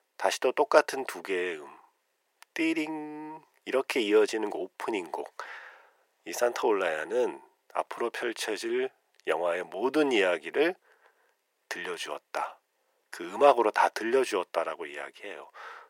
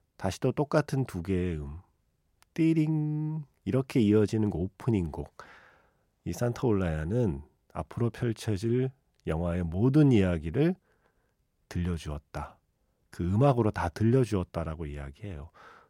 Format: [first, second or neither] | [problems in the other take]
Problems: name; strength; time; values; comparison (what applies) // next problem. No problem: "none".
second | thin; very; fading below 400 Hz